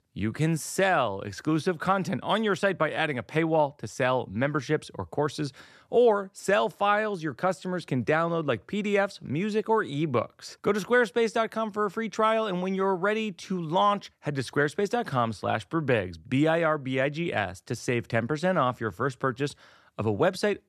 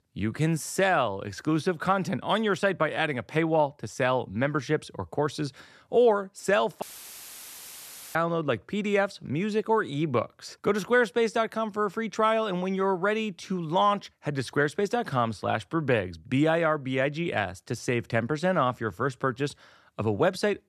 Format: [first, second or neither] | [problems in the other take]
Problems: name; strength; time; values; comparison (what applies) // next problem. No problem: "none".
first | audio cutting out; filled with static; at 7 s for 1.5 s